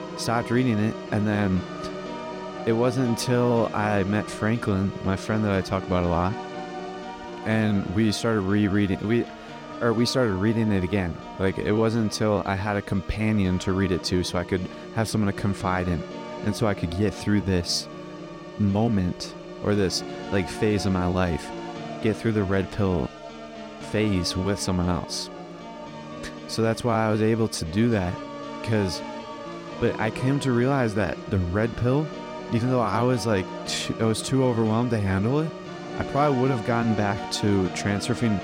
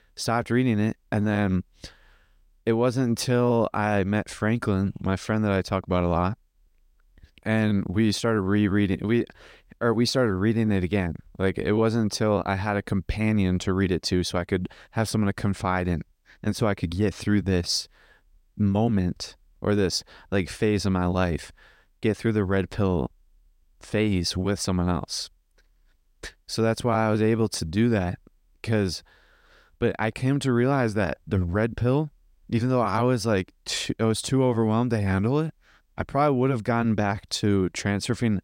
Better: second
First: background music; noticeable; throughout; 10 dB below the speech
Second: none

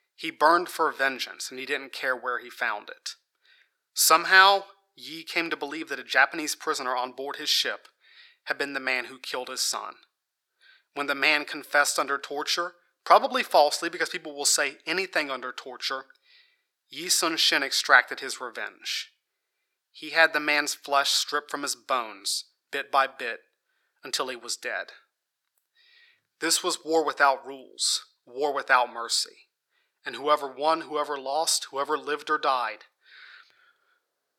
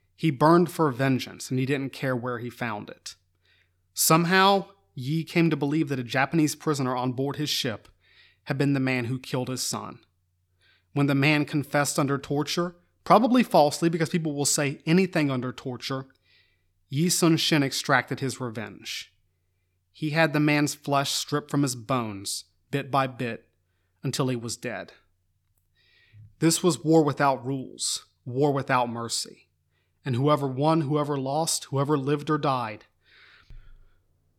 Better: second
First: thin; very; fading below 500 Hz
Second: none

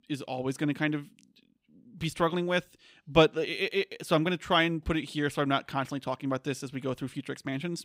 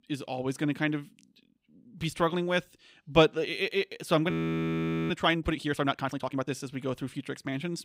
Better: first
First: none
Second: audio freezing; at 4.5 s for 1 s

